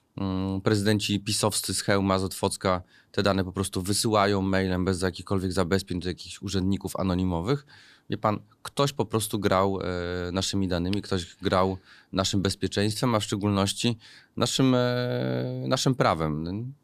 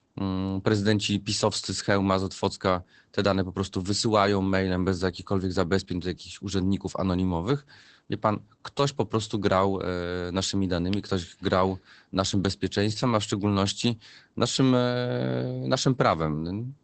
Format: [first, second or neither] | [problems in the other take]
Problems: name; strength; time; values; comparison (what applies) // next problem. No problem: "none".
first | garbled, watery; badly; nothing above 8 kHz